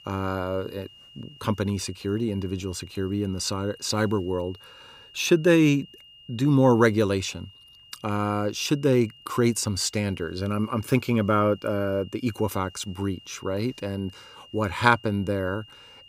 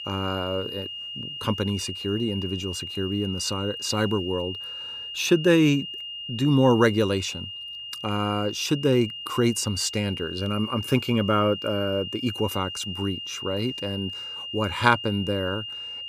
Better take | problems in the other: first | high-pitched whine; loud; throughout; 3 kHz, 8 dB below the speech; faint in the first

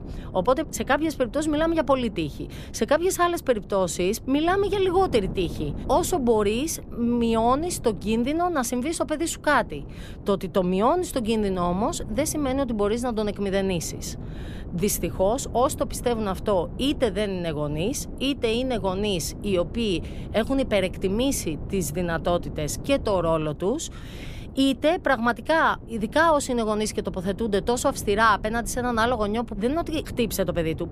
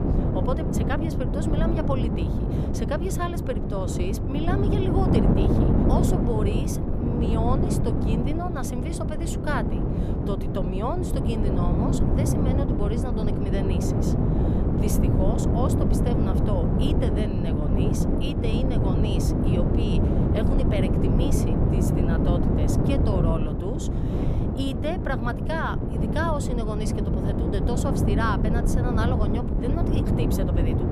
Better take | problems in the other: first | wind noise on the microphone; heavy; 1 dB above the speech; occasional gusts in the first

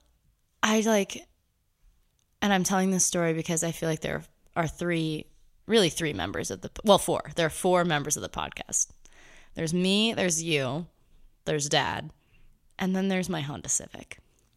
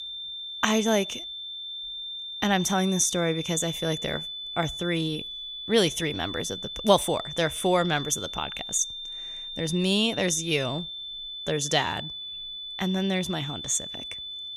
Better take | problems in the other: first | high-pitched whine; loud; throughout; 3.5 kHz, 7 dB below the speech

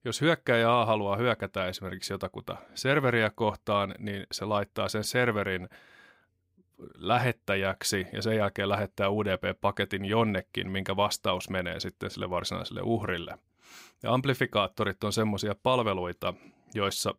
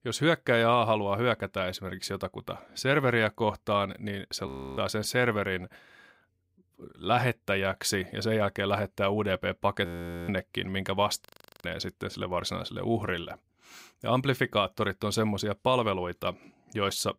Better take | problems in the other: first | audio freezing; at 4.5 s, at 10 s and at 11 s

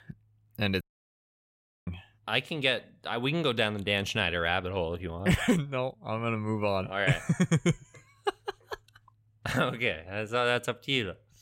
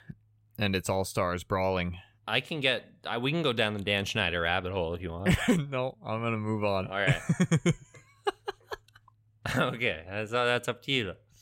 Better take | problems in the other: second | audio cutting out; at 1 s for 1 s

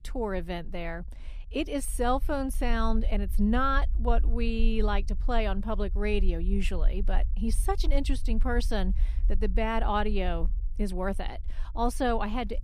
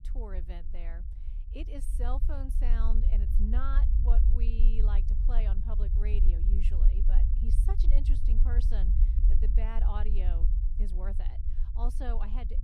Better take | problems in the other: first | low rumble; loud; throughout; 5 dB below the speech; faint in the first

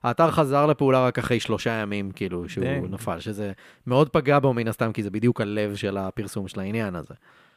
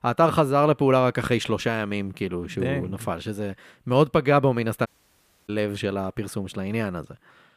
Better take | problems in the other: first | audio cutting out; at 5 s for 0.5 s

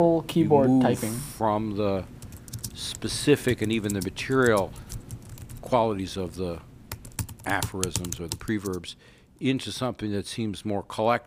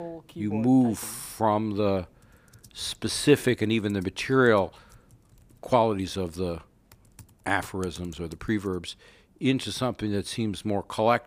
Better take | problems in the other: second | household noises; loud; throughout; 3 dB below the speech; faint in the second

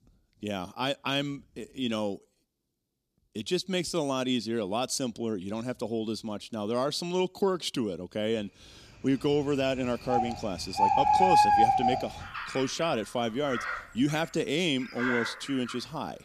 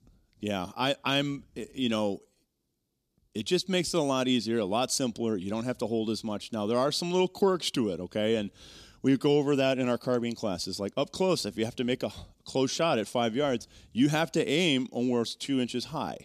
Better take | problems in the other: second | animal sounds; very loud; from 9 s on; 4 dB above the speech

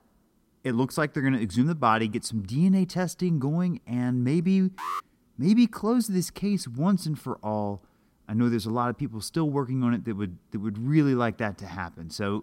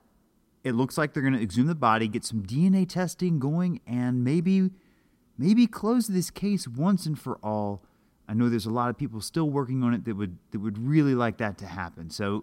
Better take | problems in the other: second | alarm; noticeable; at 5 s; peak 7 dB below the speech

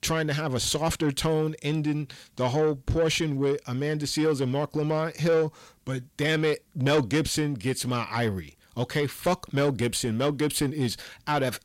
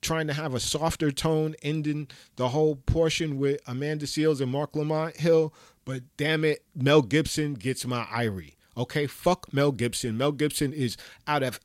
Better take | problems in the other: second | distortion; slight; 10 dB below the speech

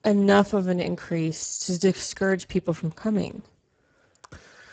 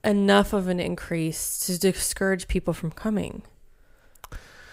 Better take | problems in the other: second | garbled, watery; badly; nothing above 7.5 kHz

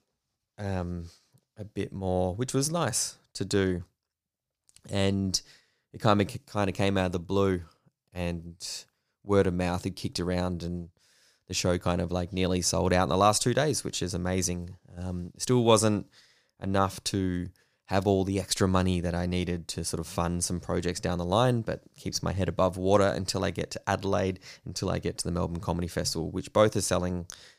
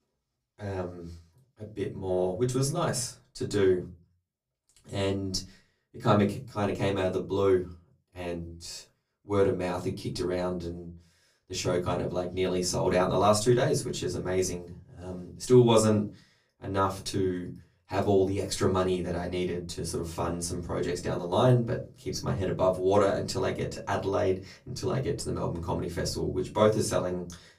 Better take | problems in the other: first | off-mic speech; far // room echo; very slight; dies away in 0.3 s

